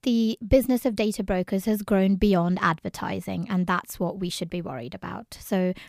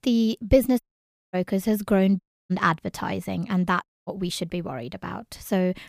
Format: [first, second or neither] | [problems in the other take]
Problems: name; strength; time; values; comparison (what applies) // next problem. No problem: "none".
first | audio cutting out; at 1 s for 0.5 s, at 2 s and at 4 s